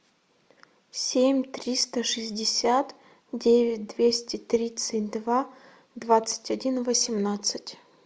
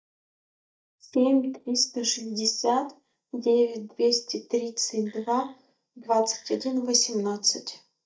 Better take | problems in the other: first | noise reduction (neural mask model DeepFilterNet 3)

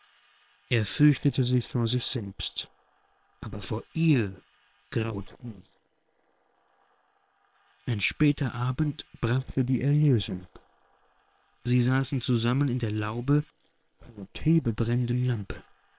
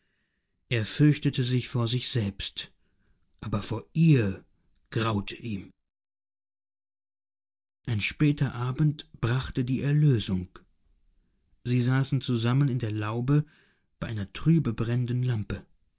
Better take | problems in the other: second | noise reduction (neural separator model SepFormer WHAM!)

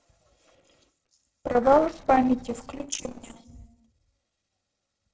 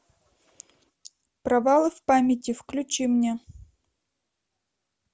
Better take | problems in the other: second | noise reduction (neural separator model SepFormer DNS4)

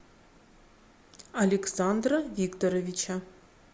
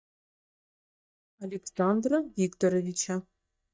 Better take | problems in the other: first | noise reduction (neural mask model DeepFilterNet 3)

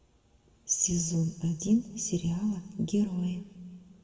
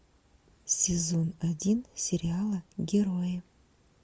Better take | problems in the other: second | room echo; dies away in 1.5 s

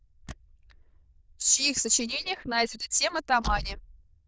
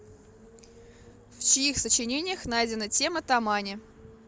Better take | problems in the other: second | noise reduction (neural diffusion model UNIVERSE++)

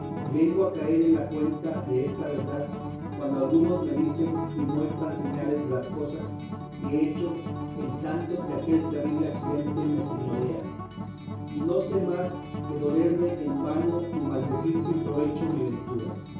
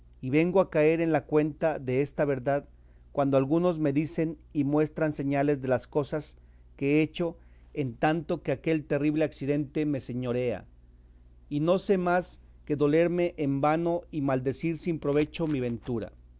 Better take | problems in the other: second | background sound (Acoustic guitar); 5 dB below the speech // room echo; dies away in 0.6 s

